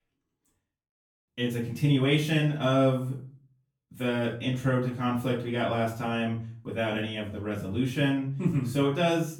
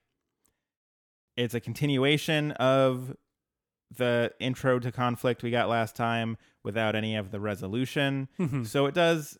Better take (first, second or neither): second